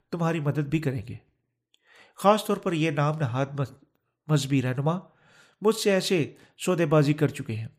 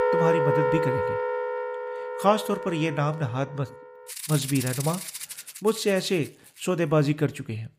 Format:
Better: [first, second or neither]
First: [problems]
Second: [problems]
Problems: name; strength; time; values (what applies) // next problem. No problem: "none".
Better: first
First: none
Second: background music; loud; throughout; 2 dB below the speech